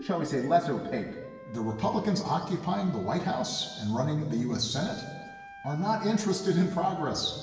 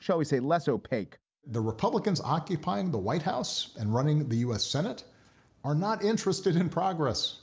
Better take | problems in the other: second | background sound (Wind instrument, woodwind instrument); 20 dB below the speech // room echo; dies away in 1.2 s

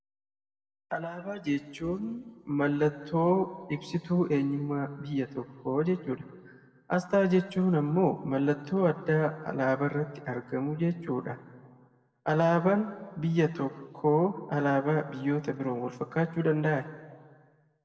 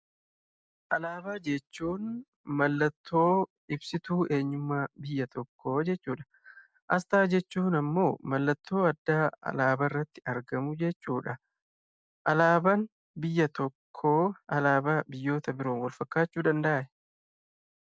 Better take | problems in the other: second | room echo; dies away in 1 s

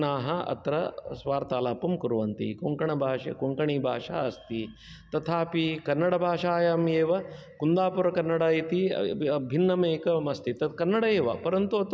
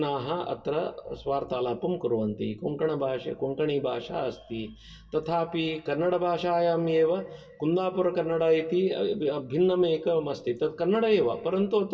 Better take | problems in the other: first | room echo; dies away in 0.2 s

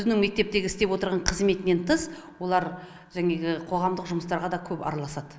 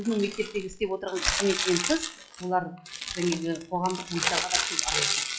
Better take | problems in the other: first | noise reduction (classical method log-MMSE)

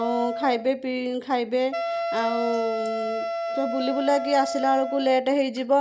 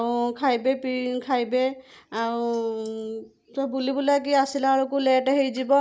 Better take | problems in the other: second | background sound (Wind instrument, woodwind instrument); 6 dB below the speech

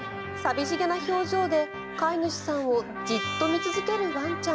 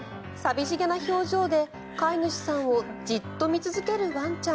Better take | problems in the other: second | background sound (Trumpet); 8 dB below the speech

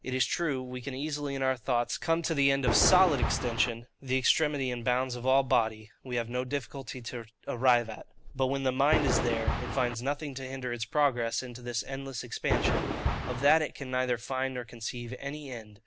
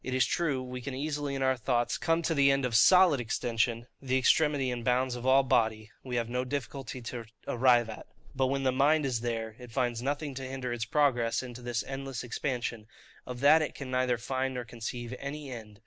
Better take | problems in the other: second | background sound (Thunder); 1 dB above the speech

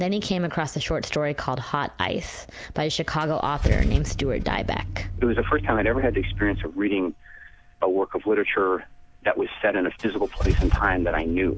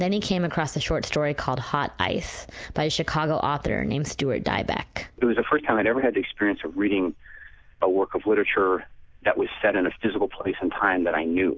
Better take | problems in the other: second | background sound (Idling / Engine starting / Car); 5 dB below the speech

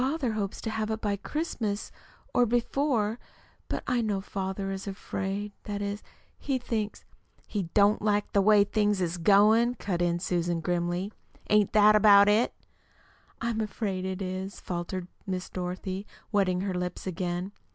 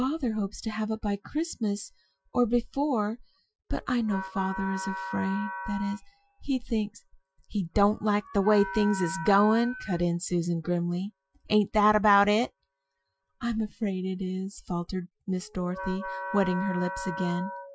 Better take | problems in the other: first | noise reduction (classical method Wiener filter)

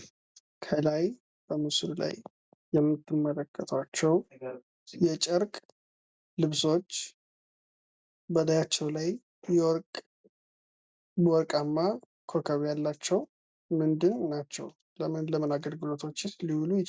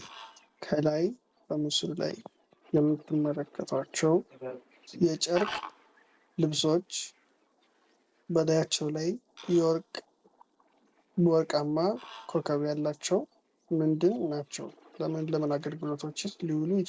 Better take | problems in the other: first | noise reduction (neural separator model SepFormer DNS4)

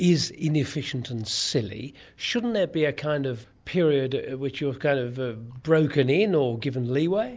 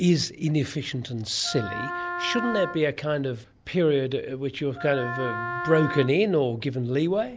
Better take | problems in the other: first | background sound (Wind instrument, woodwind instrument); 7 dB below the speech

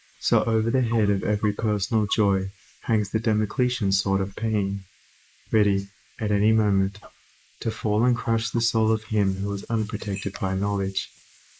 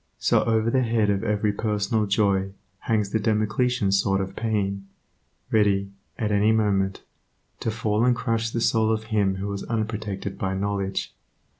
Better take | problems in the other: second | noise reduction (neural mask model Resemble Enhance denoiser)

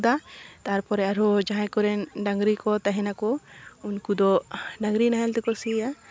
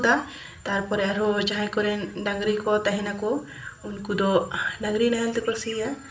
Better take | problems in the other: first | room echo; dies away in 0.4 s

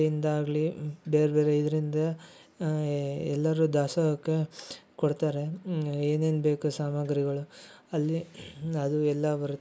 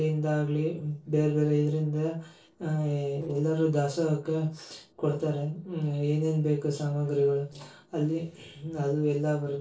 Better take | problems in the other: first | noise reduction (neural separator model SepFormer DNS4)

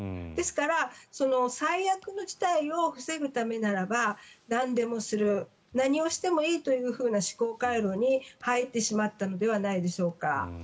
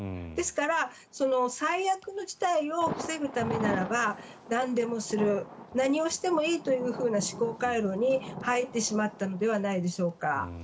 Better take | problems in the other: first | background sound (Thunder); 12 dB below the speech

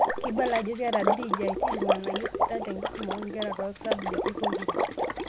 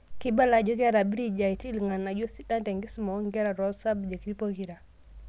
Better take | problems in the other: second | background sound (Water / Liquid); 3 dB above the speech

